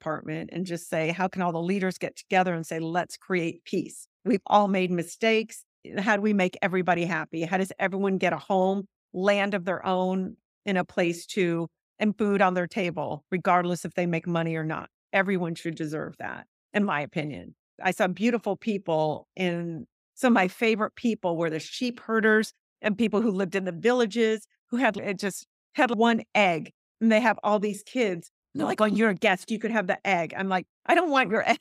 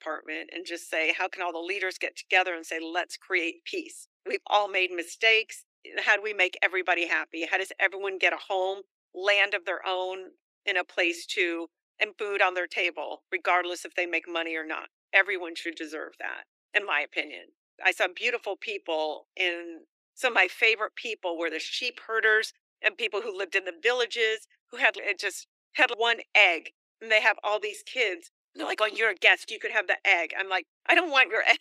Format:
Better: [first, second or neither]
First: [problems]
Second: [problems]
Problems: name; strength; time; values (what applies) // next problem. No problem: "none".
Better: first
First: none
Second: thin; very; fading below 300 Hz